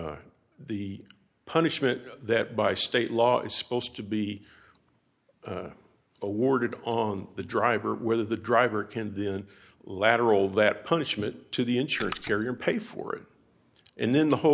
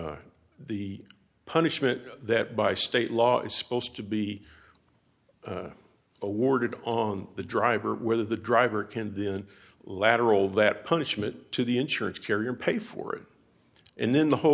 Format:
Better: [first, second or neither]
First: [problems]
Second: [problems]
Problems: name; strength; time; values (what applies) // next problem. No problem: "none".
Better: second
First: noise reduction (neural mask model Resemble Enhance denoiser)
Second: none